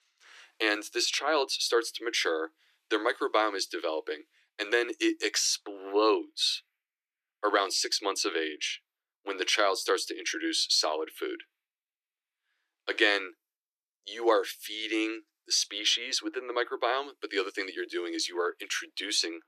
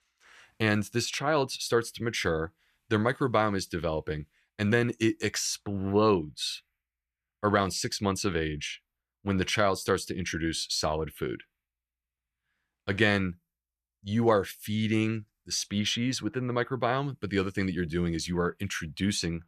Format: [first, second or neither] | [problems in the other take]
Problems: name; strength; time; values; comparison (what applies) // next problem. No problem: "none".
second | thin; very; fading below 300 Hz